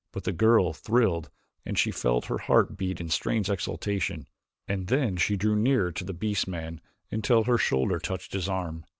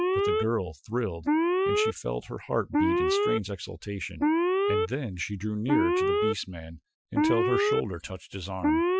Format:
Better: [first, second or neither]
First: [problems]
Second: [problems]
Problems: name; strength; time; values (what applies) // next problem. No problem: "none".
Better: first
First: none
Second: noise reduction (classical method Wiener filter)